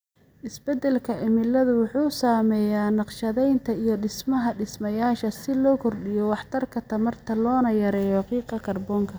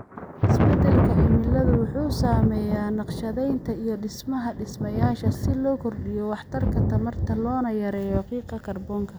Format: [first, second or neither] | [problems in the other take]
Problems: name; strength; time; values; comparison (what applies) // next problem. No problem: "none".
first | background sound (Thunder); 3 dB above the speech